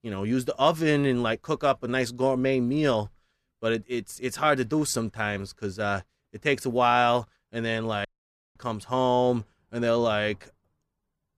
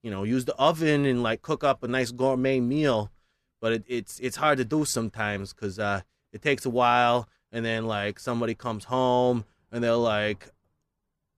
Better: second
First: audio cutting out; at 8 s for 0.5 s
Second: none

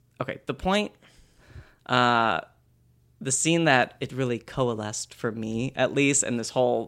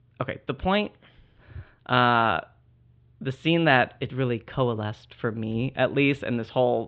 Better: first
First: none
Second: muffled; very slightly; fading above 3.5 kHz

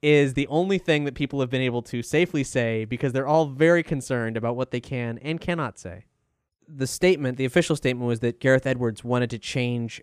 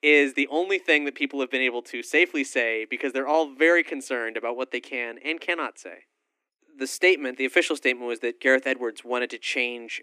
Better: first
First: none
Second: thin; somewhat; fading below 250 Hz

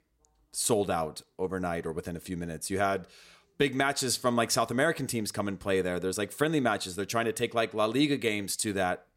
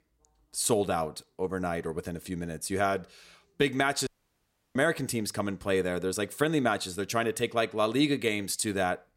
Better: first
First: none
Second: audio cutting out; at 4 s for 0.5 s

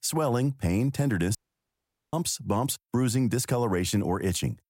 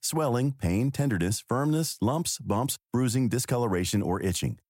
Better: second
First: audio cutting out; at 1.5 s for 1 s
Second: none

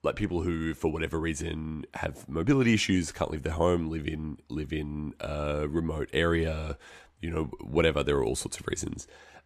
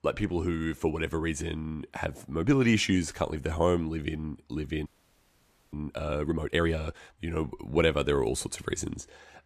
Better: first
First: none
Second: audio freezing; at 5 s for 1 s

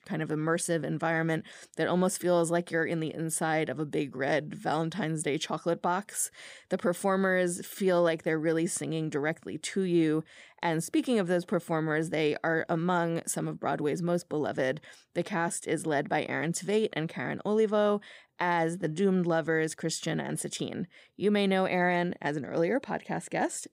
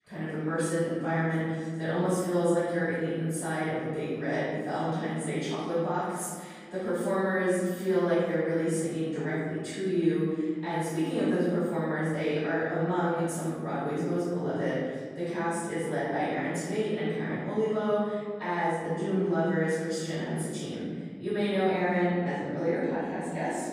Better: first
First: none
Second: off-mic speech; far // room echo; strong; dies away in 1.8 s

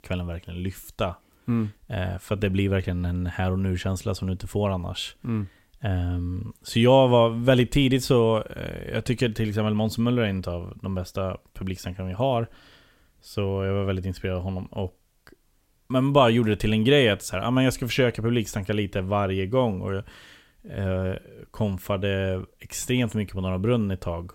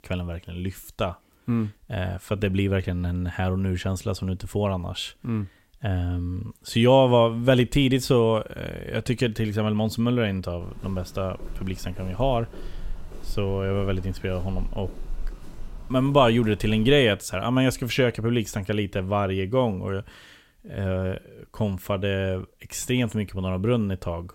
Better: first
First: none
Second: footsteps; faint; from 11 to 17 s; peak 15 dB below the speech

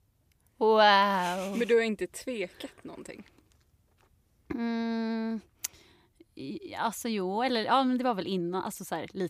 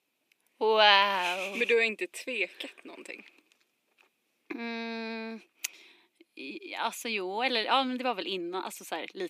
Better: first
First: none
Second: thin; very slightly; fading below 250 Hz

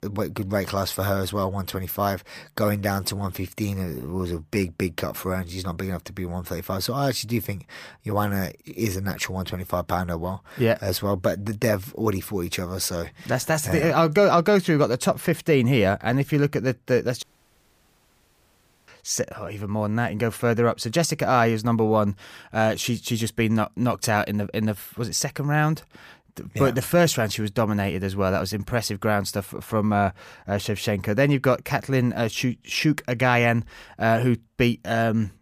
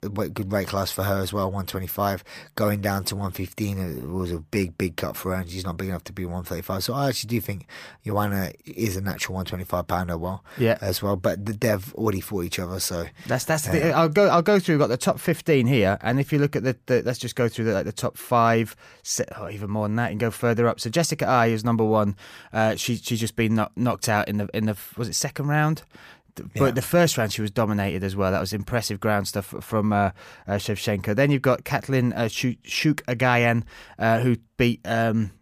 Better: second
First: audio cutting out; at 17 s for 1.5 s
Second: none

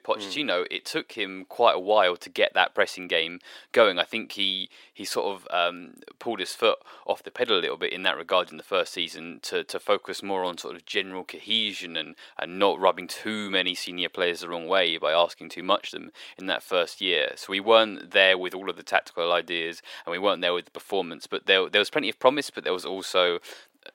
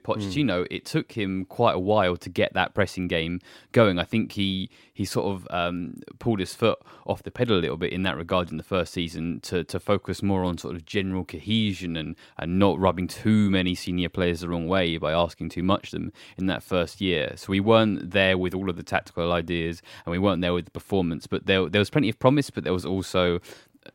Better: second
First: thin; very; fading below 550 Hz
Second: none

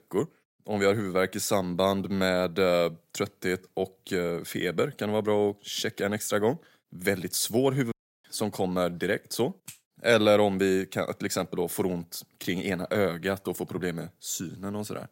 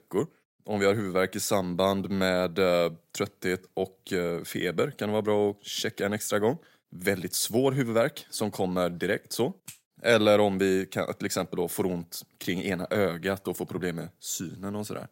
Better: second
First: audio cutting out; at 8 s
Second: none

